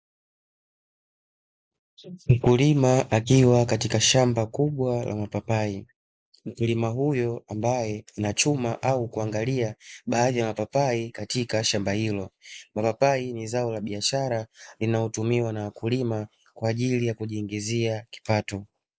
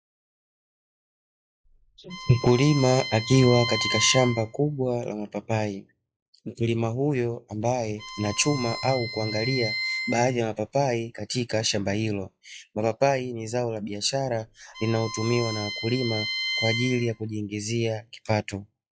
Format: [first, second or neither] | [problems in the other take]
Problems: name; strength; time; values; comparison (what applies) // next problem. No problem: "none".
first | noise reduction (classical method log-MMSE)